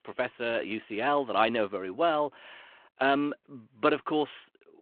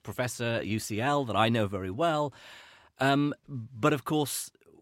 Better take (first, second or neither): second